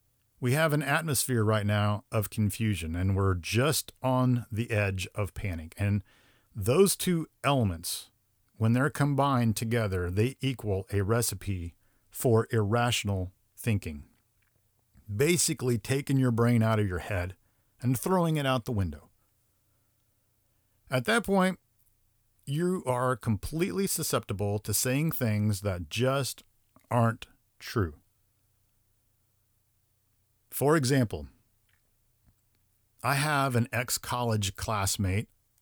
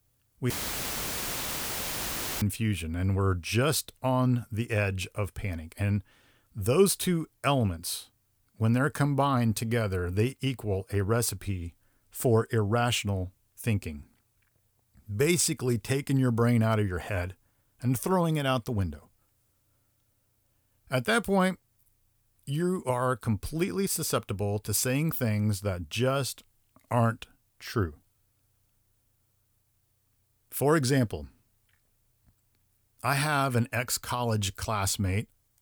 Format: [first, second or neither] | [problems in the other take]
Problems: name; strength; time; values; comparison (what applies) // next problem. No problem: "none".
first | audio cutting out; filled with static; at 0.5 s for 2 s